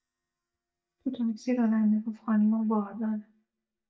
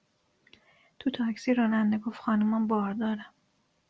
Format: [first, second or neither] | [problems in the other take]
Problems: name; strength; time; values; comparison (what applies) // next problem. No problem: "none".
second | noise reduction (neural mask model DeepFilterNet 3)